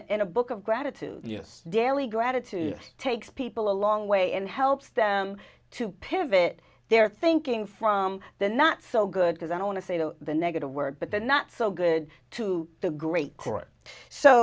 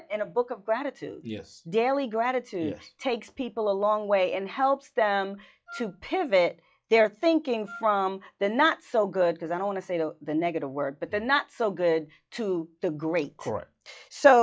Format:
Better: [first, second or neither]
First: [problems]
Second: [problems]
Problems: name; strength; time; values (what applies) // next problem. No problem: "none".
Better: first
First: none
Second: noise reduction (classical method log-MMSE)